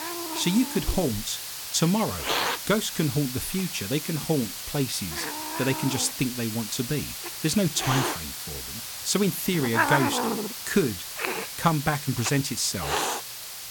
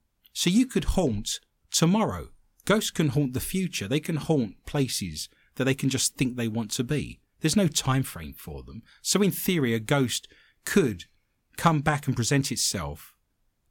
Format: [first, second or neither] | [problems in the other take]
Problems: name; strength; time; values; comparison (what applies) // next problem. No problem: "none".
second | hiss; loud; throughout; 3 dB below the speech